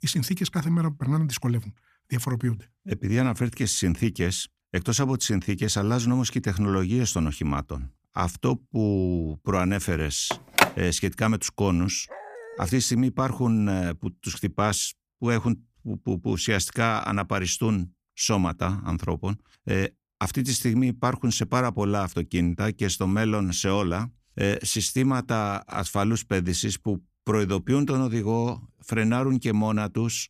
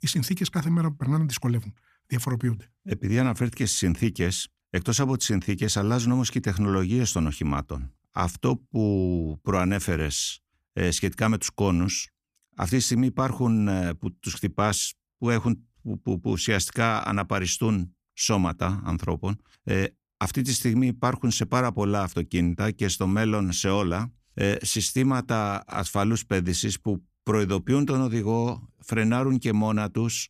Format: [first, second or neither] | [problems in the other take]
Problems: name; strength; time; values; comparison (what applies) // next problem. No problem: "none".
second | phone ringing; loud; at 10 s; peak 4 dB above the speech // dog barking; faint; at 12 s; peak 15 dB below the speech